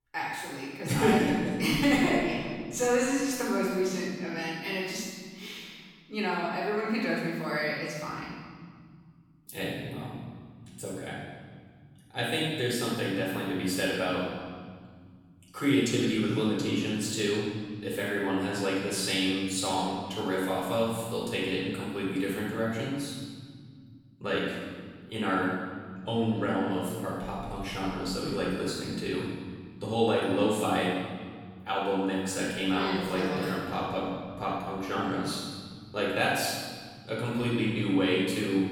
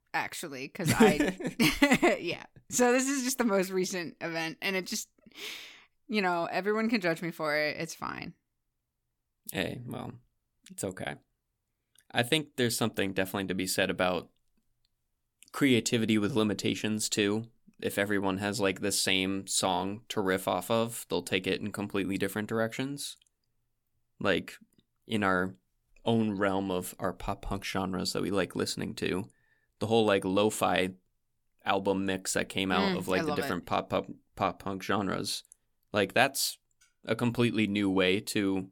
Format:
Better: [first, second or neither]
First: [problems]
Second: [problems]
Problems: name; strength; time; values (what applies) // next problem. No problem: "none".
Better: second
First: off-mic speech; far // room echo; strong; dies away in 1.9 s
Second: none